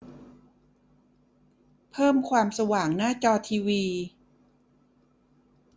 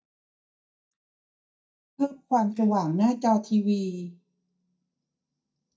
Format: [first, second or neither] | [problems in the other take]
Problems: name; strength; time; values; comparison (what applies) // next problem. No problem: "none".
first | noise reduction (neural mask model DeepFilterNet 3)